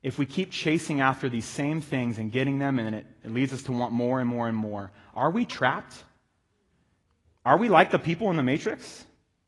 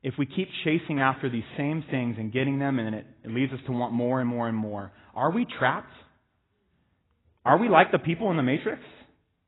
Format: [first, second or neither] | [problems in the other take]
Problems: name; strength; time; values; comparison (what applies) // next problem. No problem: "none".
first | garbled, watery; badly; nothing above 4 kHz; slightly in the first